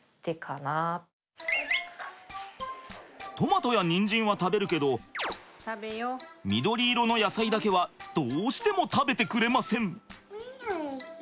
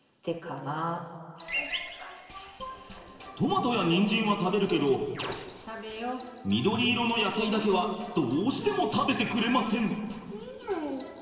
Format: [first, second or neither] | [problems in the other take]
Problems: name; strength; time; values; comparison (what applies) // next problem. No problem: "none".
first | room echo; dies away in 1.8 s